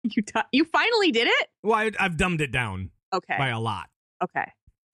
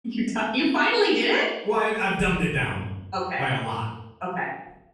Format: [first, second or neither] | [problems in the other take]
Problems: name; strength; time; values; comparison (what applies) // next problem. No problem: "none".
first | off-mic speech; far // room echo; noticeable; dies away in 0.8 s